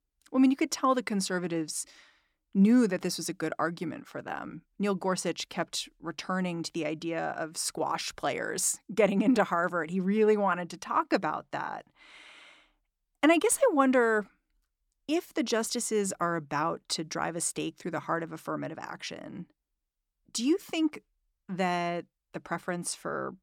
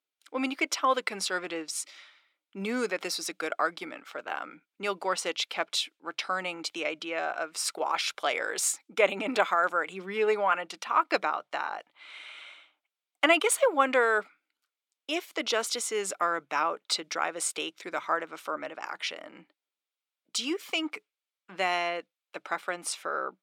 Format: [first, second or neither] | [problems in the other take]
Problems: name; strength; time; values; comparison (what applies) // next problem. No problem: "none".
first | thin; somewhat; fading below 500 Hz